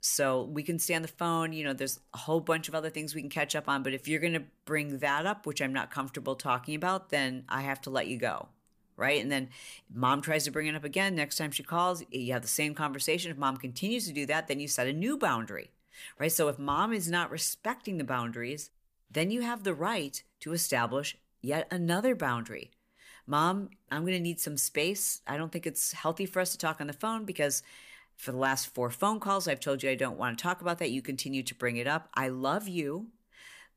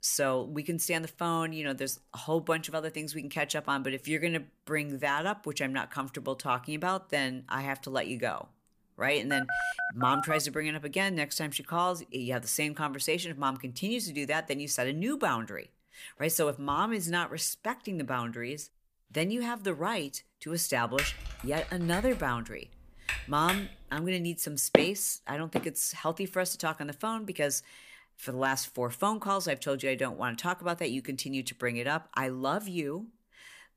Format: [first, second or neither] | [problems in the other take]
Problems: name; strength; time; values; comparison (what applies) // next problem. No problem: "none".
first | phone ringing; loud; from 9.5 to 10 s; peak 1 dB above the speech // keyboard typing; noticeable; from 21 to 24 s; peak 1 dB below the speech // footsteps; loud; at 25 s; peak 5 dB above the speech